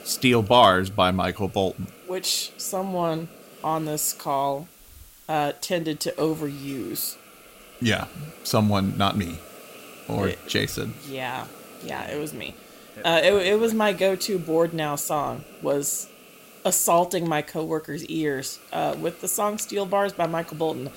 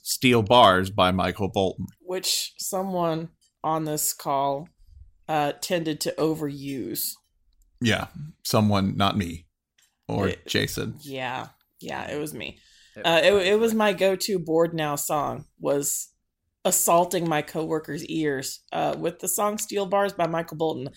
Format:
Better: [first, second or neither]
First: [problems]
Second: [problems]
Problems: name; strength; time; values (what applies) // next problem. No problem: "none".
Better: second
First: hiss; faint; throughout; 20 dB below the speech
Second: none